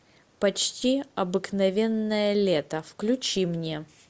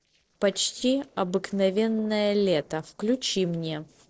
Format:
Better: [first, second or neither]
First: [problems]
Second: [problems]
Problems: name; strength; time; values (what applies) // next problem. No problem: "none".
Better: first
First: none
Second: noise reduction (neural separator model SepFormer DNS4)